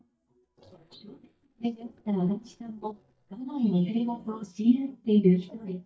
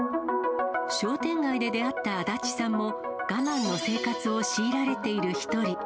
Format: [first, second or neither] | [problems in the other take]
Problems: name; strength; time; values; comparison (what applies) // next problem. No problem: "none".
second | noise reduction (neural mask model DeepFilterNet 3)